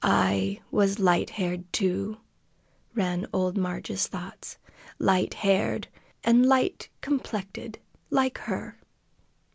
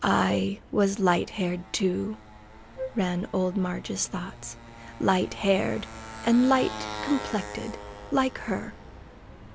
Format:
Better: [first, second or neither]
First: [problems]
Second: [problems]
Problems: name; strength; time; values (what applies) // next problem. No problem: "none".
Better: first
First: none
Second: background sound (Wind instrument, woodwind instrument + Motorcycle); 13 dB below the speech